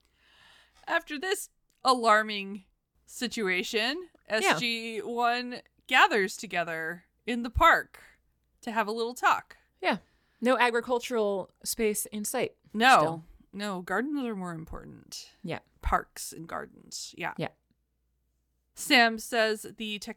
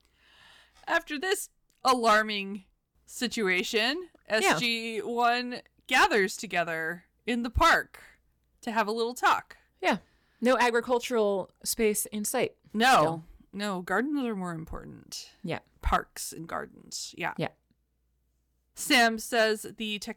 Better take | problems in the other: first | distortion; slight; 1.6% of the sound clipped

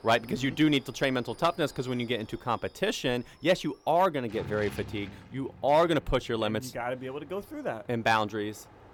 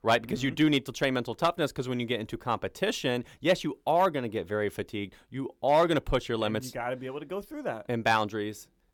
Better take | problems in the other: second | train or aircraft noise; faint; throughout; 20 dB below the speech

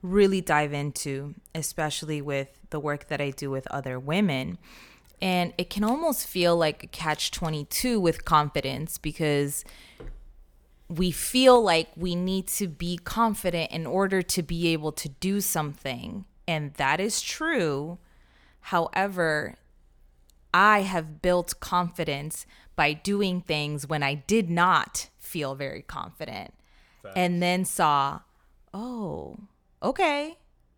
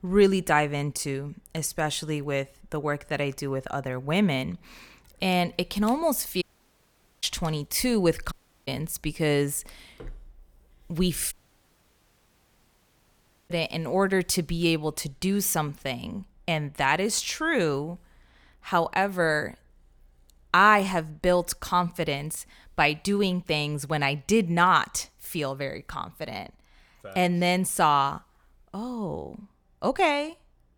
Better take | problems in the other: first | audio cutting out; at 6.5 s for 1 s, at 8.5 s and at 11 s for 2 s

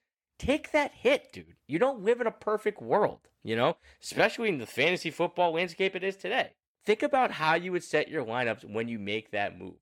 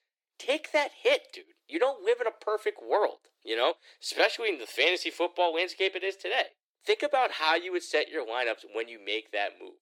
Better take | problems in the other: first | thin; very; fading below 350 Hz

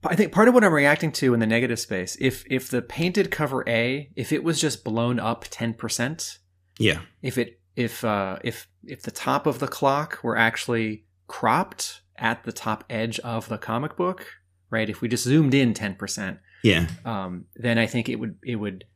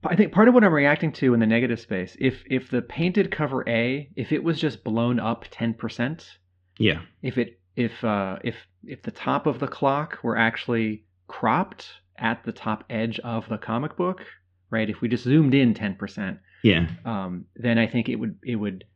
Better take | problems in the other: first | muffled; slightly; fading above 3.5 kHz

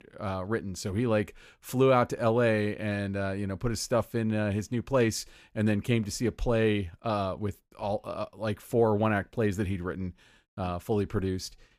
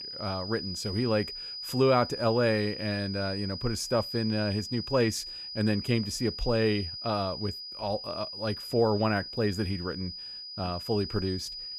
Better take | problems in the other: first | high-pitched whine; loud; throughout; 5 kHz, 7 dB below the speech

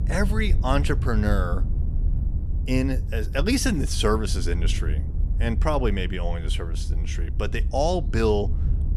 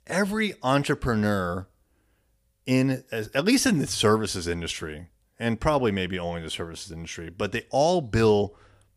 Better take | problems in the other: second | low rumble; noticeable; throughout; 15 dB below the speech

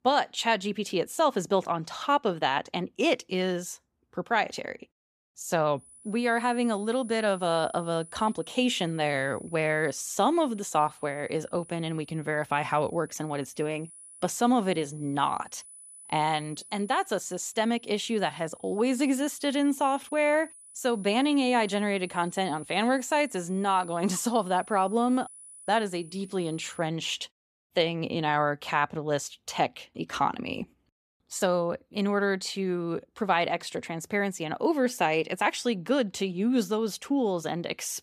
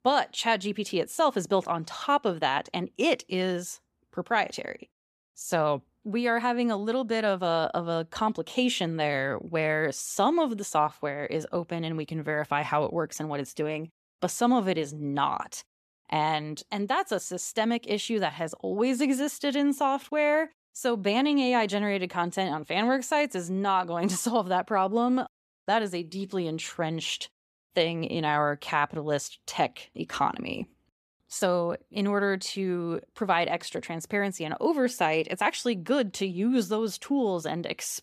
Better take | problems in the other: second | high-pitched whine; noticeable; from 6 to 27 s; 10 kHz, 20 dB below the speech

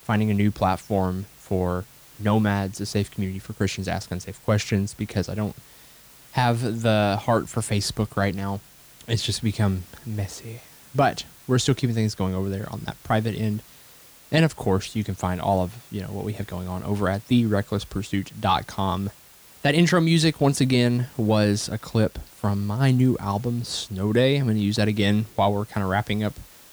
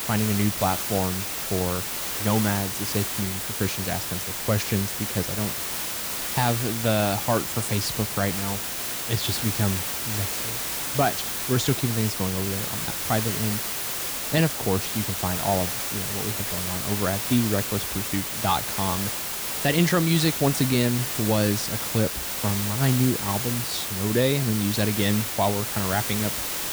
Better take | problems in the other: first | hiss; loud; throughout; 1 dB below the speech; faint in the first

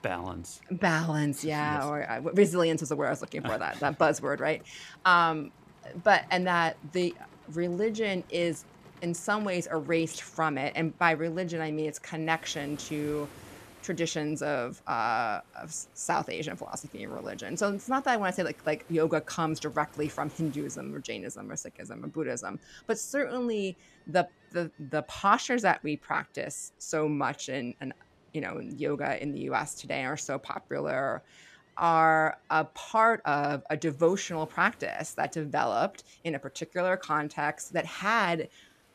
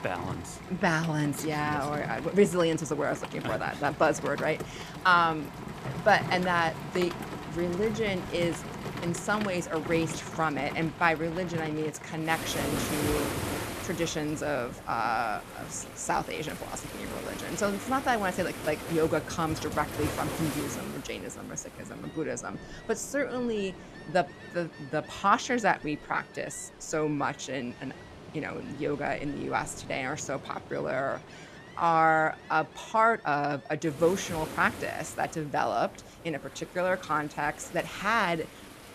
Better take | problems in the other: first | rain or running water; loud; throughout; 10 dB below the speech; faint in the first

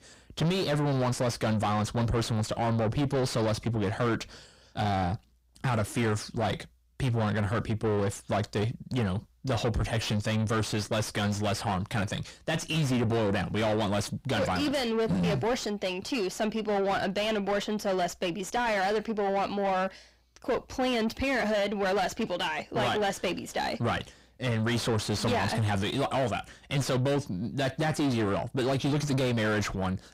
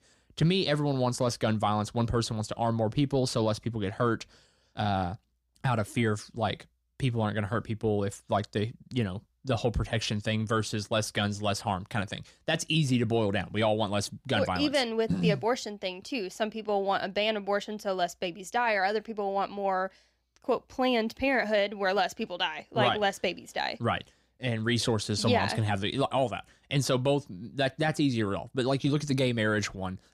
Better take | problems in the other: second | distortion; heavy; 7 dB below the speech

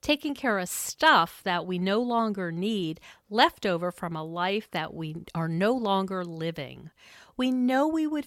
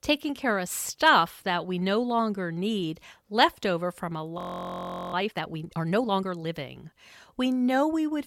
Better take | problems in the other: first | audio freezing; at 4.5 s for 1 s

